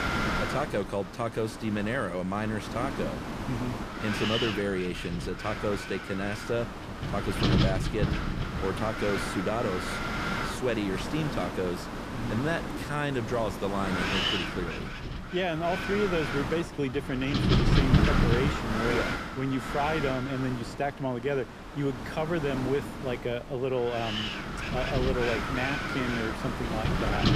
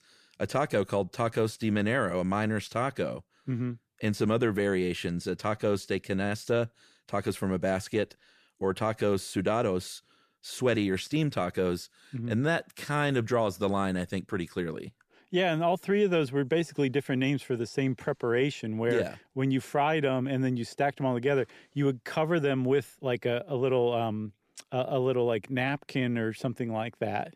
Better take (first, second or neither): second